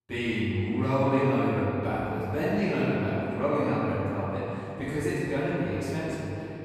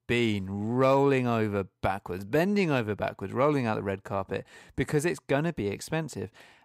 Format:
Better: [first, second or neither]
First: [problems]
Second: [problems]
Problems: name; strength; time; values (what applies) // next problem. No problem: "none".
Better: second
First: off-mic speech; far // room echo; strong; dies away in 2.8 s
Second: none